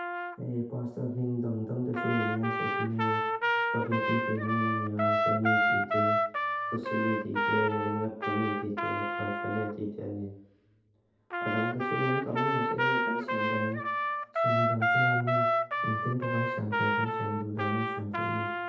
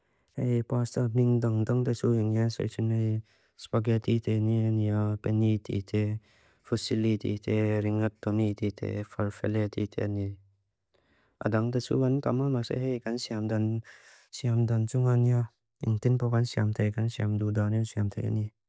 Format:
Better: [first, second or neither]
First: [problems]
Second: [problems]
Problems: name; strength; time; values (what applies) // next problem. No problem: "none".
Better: second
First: background sound (Trumpet); 2 dB above the speech // room echo; dies away in 0.8 s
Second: none